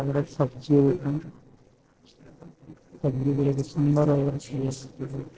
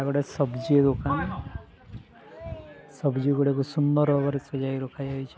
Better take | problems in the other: second | noise reduction (neural separator model SepFormer DNS4)

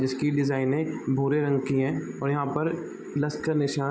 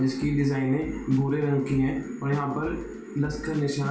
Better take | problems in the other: first | background sound (Drum kit); 16 dB below the speech // room echo; dies away in 0.3 s

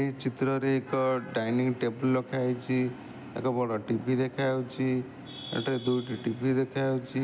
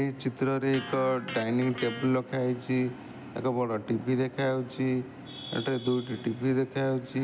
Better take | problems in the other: first | background sound (Electric guitar); 14 dB below the speech

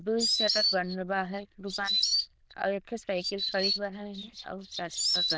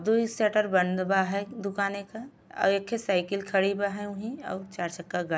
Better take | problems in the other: second | noise reduction (neural diffusion model UNIVERSE++)

